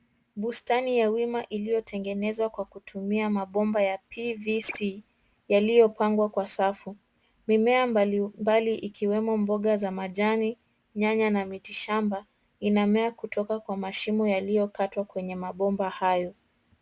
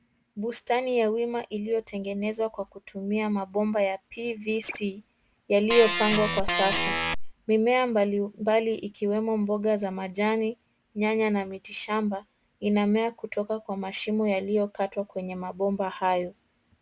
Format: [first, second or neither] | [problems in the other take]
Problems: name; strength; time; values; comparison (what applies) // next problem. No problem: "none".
first | background sound (Organ); 1 dB above the speech